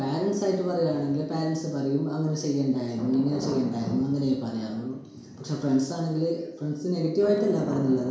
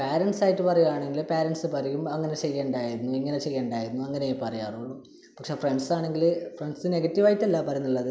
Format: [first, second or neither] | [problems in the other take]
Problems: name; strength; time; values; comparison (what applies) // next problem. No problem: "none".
second | background sound (Thunder / Rain); 13 dB below the speech // room echo; dies away in 0.7 s